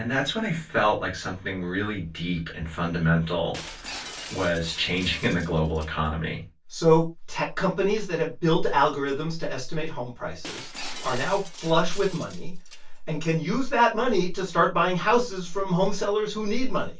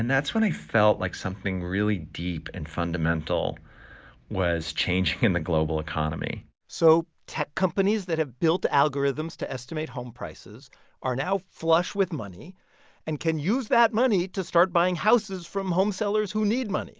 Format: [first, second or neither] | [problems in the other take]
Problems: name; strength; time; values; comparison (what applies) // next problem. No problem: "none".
second | background sound (Shatter); 17 dB below the speech // room echo; dies away in 0.1 s